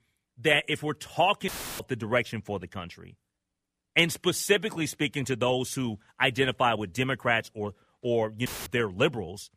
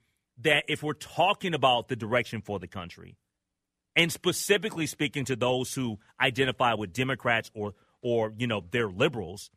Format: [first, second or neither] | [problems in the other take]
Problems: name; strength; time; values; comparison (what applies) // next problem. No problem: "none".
second | audio cutting out; filled with static; at 1.5 s and at 8.5 s